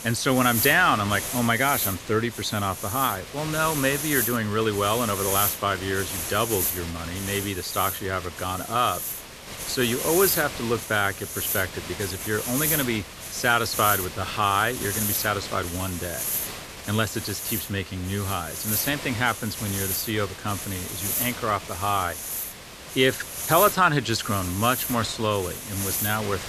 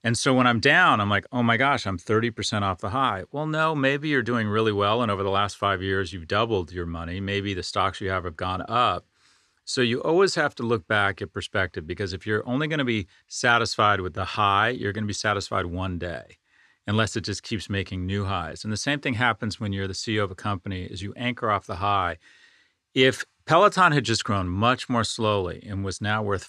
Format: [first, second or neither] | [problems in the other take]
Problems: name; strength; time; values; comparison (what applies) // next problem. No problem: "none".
second | hiss; loud; throughout; 4 dB below the speech